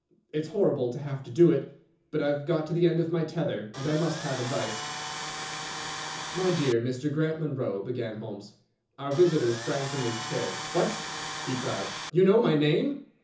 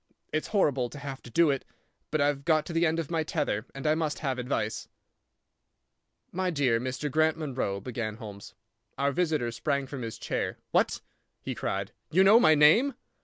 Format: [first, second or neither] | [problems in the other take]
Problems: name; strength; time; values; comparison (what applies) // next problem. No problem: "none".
second | background sound (Tools); 8 dB below the speech // room echo; dies away in 0.6 s